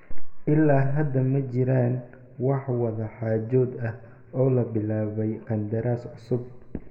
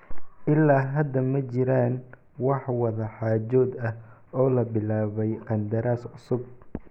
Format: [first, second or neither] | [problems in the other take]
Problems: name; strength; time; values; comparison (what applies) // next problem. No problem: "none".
second | room echo; dies away in 1 s